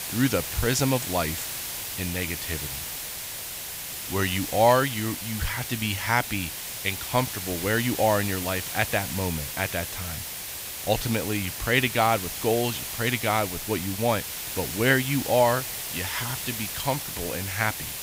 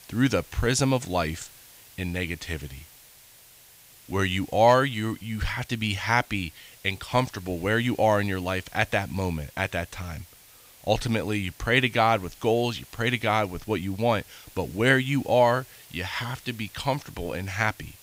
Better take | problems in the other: second | hiss; loud; throughout; 5 dB below the speech; faint in the second

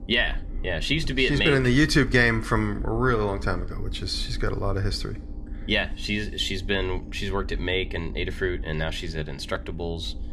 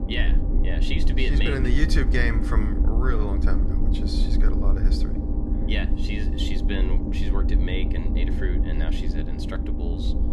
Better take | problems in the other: first | low rumble; loud; throughout; 4 dB below the speech; faint in the first

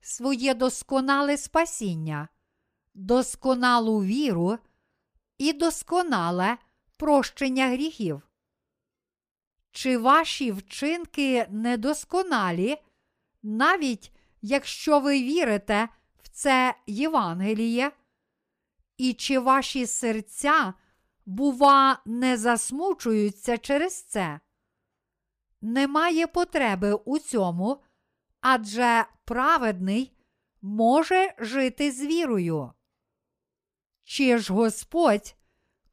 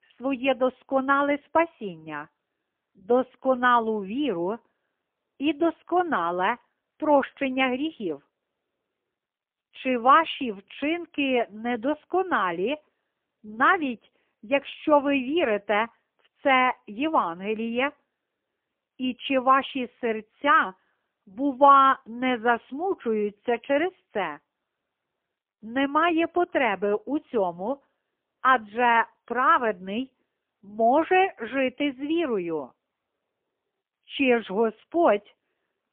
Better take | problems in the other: first | phone-call audio; poor line; nothing above 3 kHz

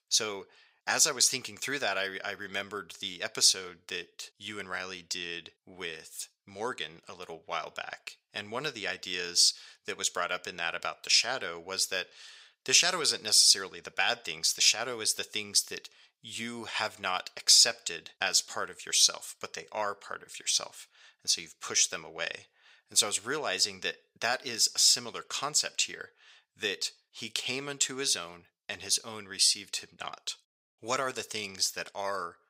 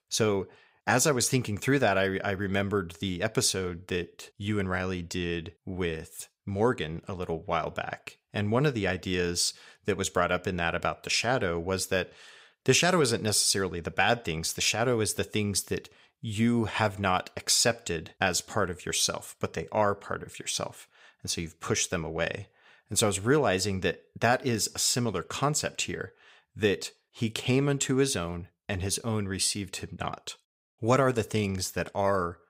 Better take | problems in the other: second | thin; somewhat; fading below 1 kHz

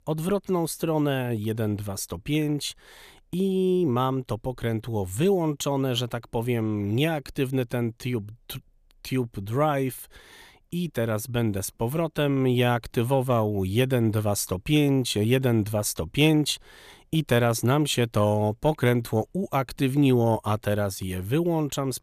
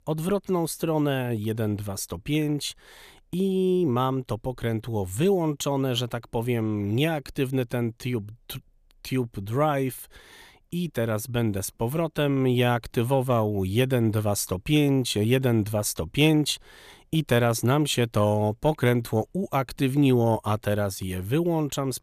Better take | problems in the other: neither | none

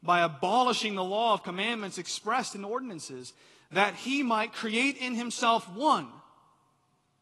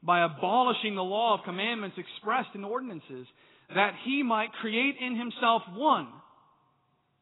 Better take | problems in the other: first | garbled, watery; badly; nothing above 4 kHz; slightly in the first

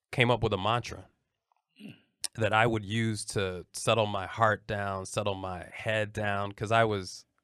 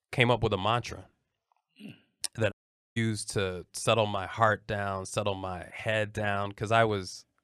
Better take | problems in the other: first | audio cutting out; at 2.5 s

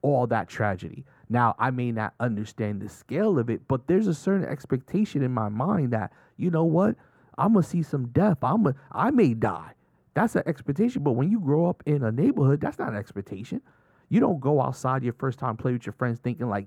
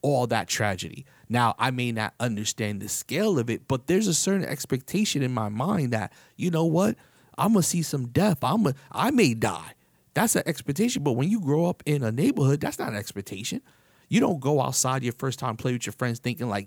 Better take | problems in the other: second | muffled; very; fading above 2 kHz

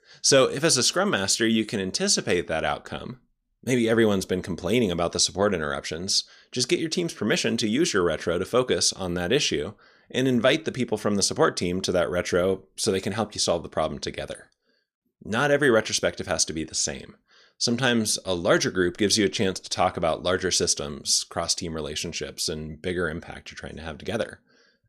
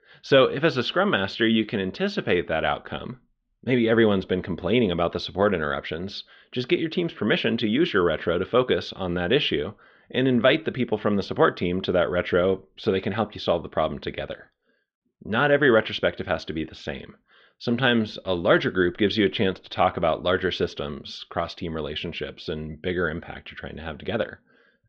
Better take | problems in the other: first | muffled; very; fading above 3.5 kHz

